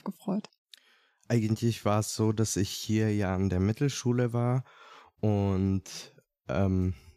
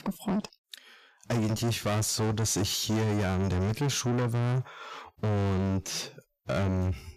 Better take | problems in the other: first | distortion; heavy; 6 dB below the speech

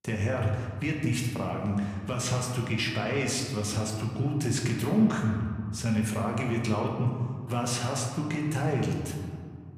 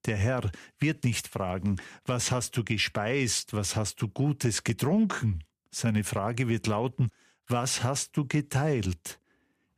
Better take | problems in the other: second | room echo; noticeable; dies away in 1.8 s // off-mic speech; somewhat distant

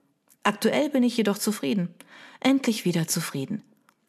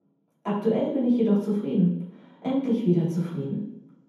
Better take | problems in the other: first | room echo; strong; dies away in 0.9 s // off-mic speech; far

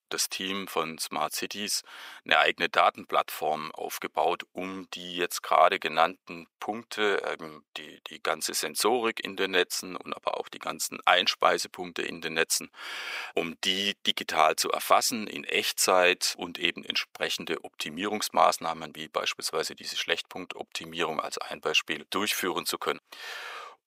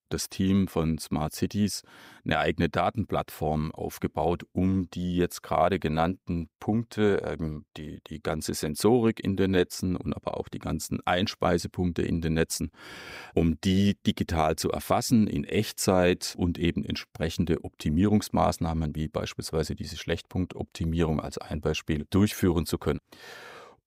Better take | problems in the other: second | thin; very; fading below 650 Hz

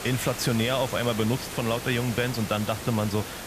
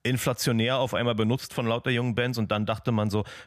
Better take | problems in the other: second | hiss; loud; throughout; 8 dB below the speech

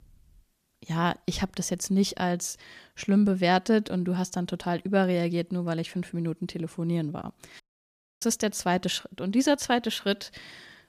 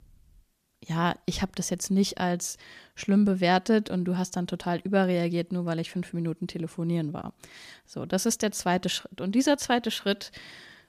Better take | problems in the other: second | audio cutting out; at 7.5 s for 0.5 s

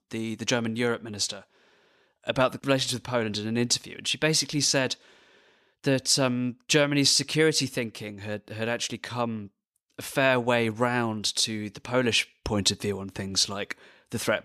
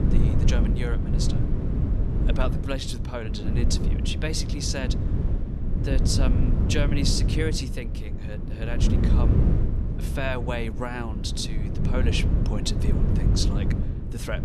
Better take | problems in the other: first | wind noise on the microphone; heavy; 4 dB below the speech

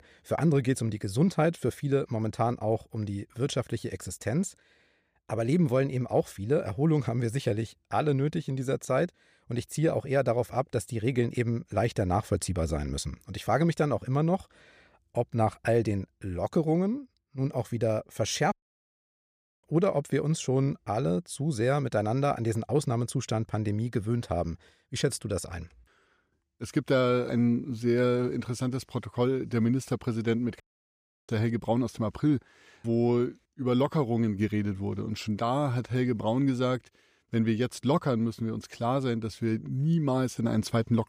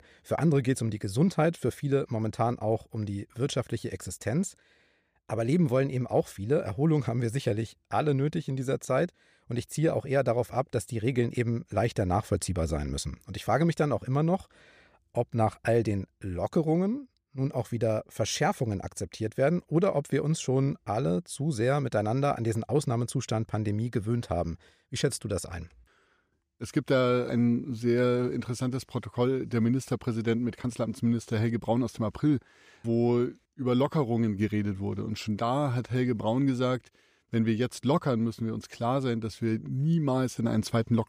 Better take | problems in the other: second | audio cutting out; at 19 s for 1 s and at 31 s for 0.5 s

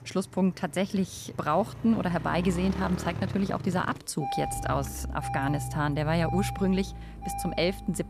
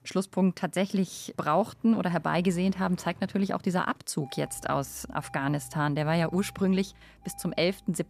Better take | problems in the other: second | traffic noise; loud; throughout; 7 dB below the speech; faint in the second

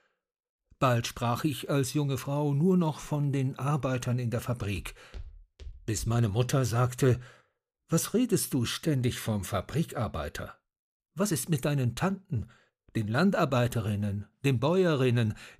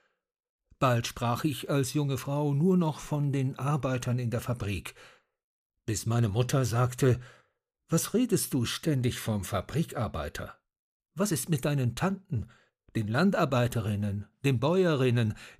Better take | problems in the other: second | footsteps; faint; from 5 to 6 s; peak 20 dB below the speech

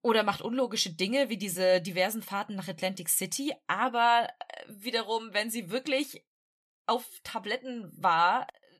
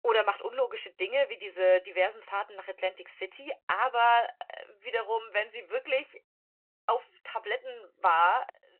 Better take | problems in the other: first | phone-call audio

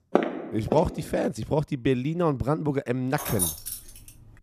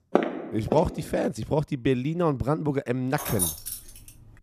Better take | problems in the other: neither | footsteps; loud; until 1.5 s; peak 1 dB above the speech; the same in both // jangling keys; loud; at 3 s; peak level with the speech; the same in both

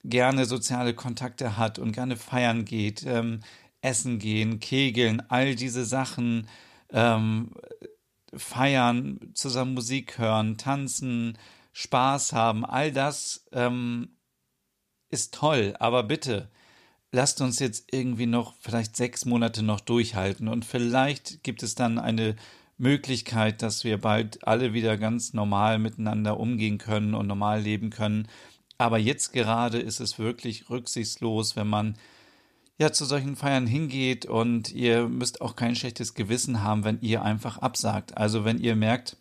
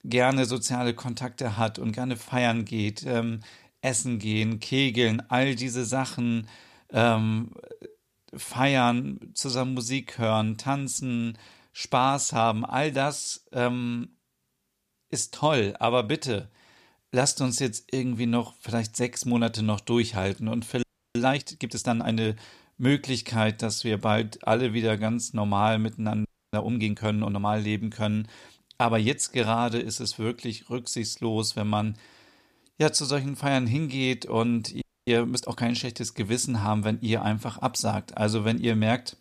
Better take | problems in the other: first | audio freezing; at 21 s, at 26 s and at 35 s

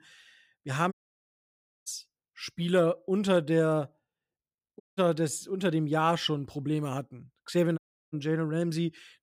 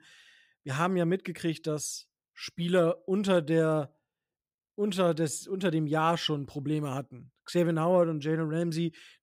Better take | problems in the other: second | audio cutting out; at 1 s for 1 s, at 5 s and at 8 s

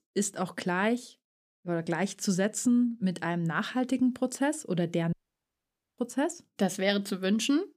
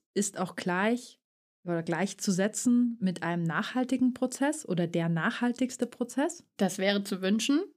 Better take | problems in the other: second | audio cutting out; at 5 s for 1 s

